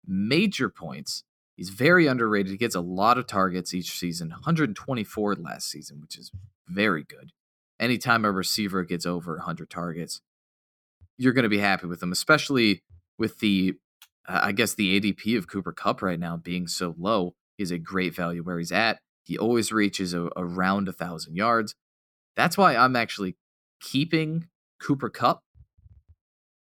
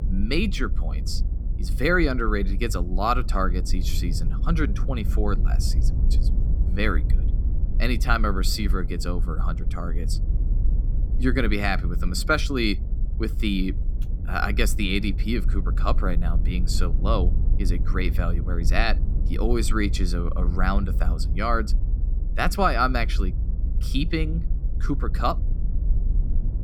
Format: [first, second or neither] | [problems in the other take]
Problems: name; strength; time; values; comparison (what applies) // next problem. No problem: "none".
first | low rumble; noticeable; throughout; 15 dB below the speech